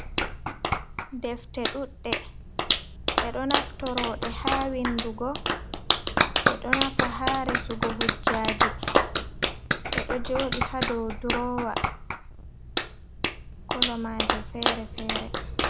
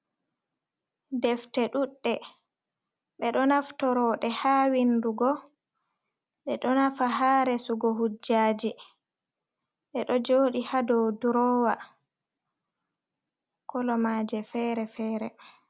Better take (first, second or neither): second